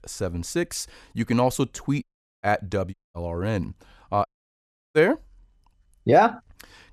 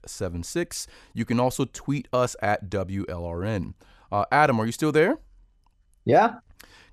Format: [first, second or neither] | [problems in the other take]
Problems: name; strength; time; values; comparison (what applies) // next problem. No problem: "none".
second | audio cutting out; at 2 s, at 3 s and at 4.5 s for 0.5 s